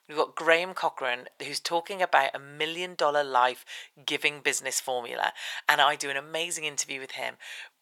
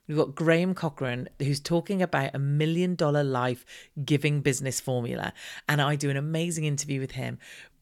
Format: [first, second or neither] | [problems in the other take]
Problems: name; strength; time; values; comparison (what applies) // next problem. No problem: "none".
second | thin; very; fading below 750 Hz